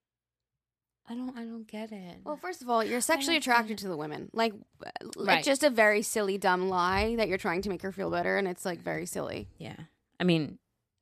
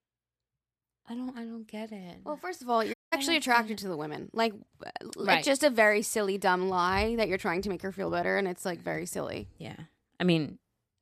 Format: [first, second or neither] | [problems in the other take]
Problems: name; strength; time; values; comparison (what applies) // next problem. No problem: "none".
first | audio cutting out; at 3 s